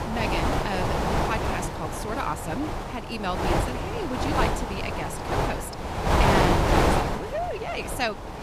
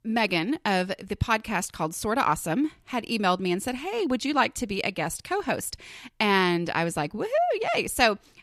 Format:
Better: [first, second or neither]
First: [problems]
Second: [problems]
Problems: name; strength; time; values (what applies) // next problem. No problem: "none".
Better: second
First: wind noise on the microphone; heavy; 4 dB above the speech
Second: none